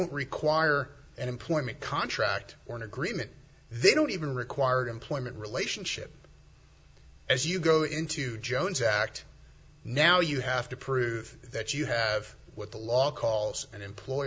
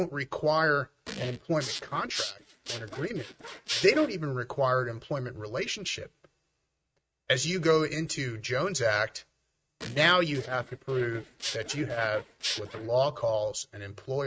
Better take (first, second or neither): first